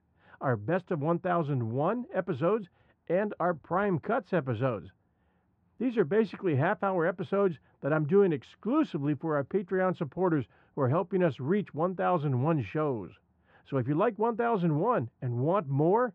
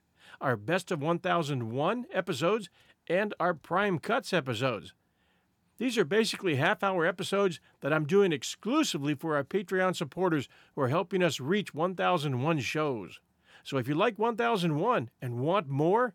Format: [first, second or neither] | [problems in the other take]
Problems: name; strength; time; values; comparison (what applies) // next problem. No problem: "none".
second | muffled; very; fading above 1.5 kHz